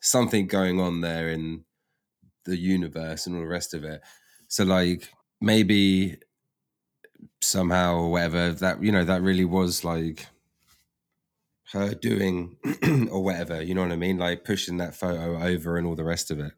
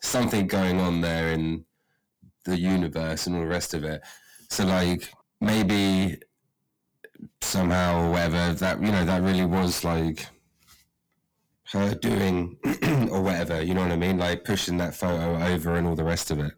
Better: first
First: none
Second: distortion; heavy; 5 dB below the speech

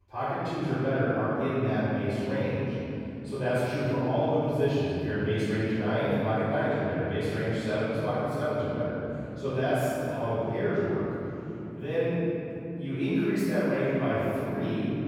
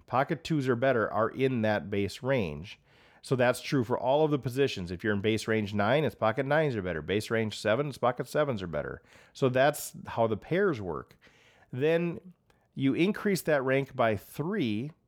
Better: second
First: off-mic speech; far // room echo; strong; dies away in 3 s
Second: none

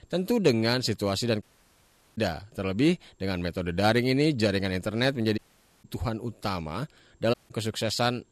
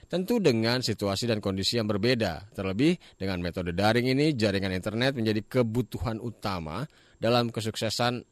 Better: second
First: audio cutting out; at 1.5 s for 1 s, at 5.5 s and at 7.5 s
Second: none

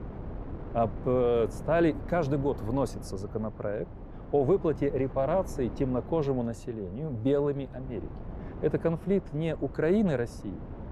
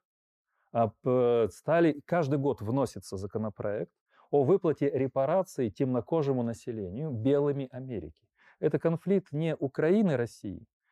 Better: second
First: wind noise on the microphone; occasional gusts; 15 dB below the speech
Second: none

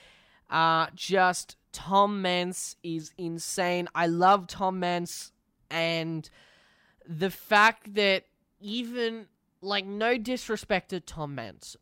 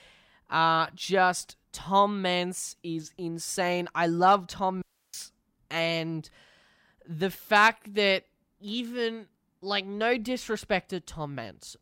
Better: first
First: none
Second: audio cutting out; at 5 s

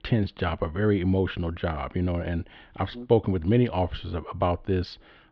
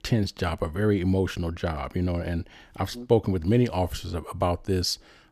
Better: second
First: muffled; very; fading above 3.5 kHz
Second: none

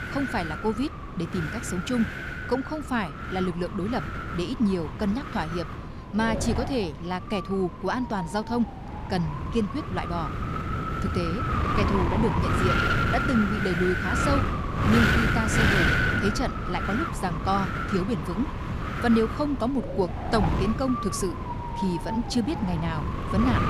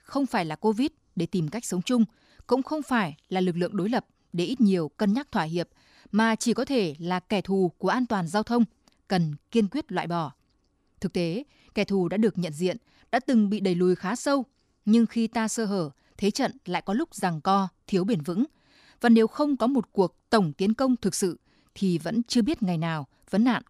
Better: second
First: wind noise on the microphone; heavy; 2 dB above the speech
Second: none

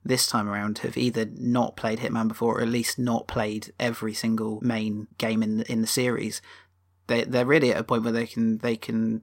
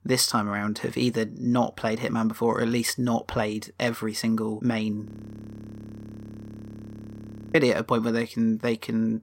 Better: first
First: none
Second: audio freezing; at 5 s for 2.5 s

